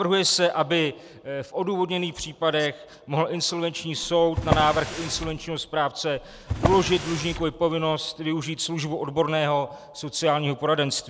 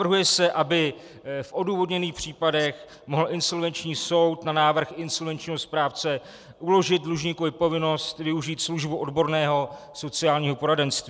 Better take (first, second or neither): second